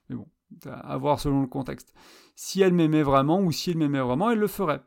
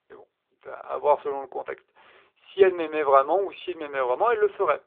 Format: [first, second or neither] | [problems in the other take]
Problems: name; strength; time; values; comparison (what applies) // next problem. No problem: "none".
first | phone-call audio; nothing above 3.5 kHz